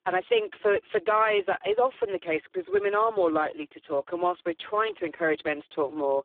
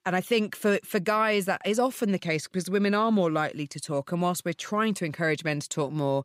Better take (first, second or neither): second